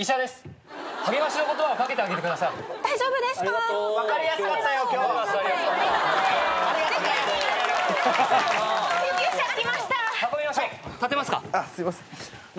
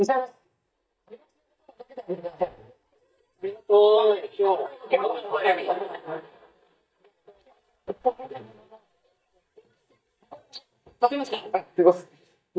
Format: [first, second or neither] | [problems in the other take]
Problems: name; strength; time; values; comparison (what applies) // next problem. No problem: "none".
first | noise reduction (neural mask model DeepFilterNet 3)